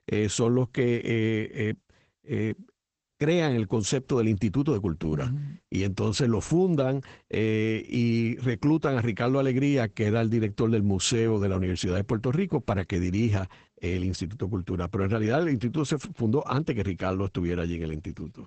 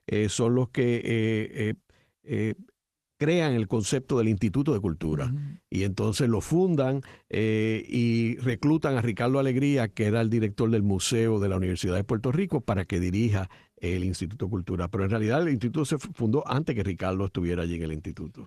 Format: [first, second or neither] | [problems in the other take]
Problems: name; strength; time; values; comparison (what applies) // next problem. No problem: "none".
second | garbled, watery; badly; nothing above 8 kHz; slightly in the second